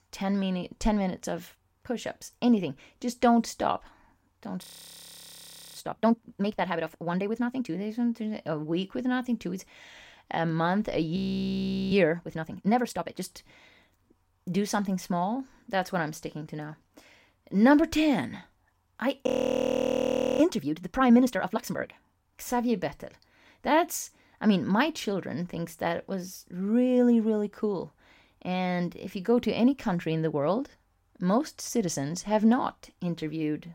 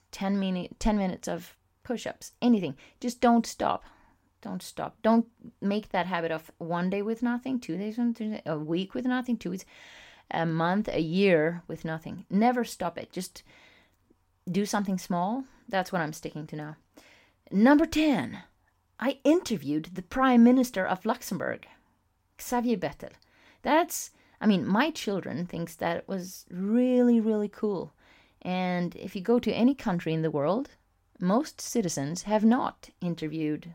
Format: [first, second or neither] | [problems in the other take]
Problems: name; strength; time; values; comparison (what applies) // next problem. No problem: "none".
second | audio freezing; at 4.5 s for 1 s, at 11 s for 1 s and at 19 s for 1 s